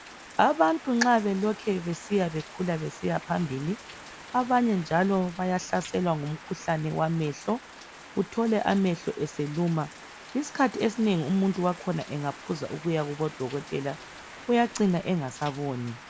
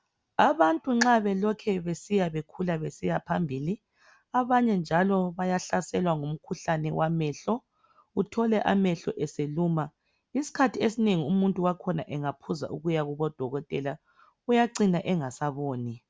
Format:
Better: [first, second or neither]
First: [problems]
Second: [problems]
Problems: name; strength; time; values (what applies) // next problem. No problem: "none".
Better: second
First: background sound (Rain); 17 dB below the speech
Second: none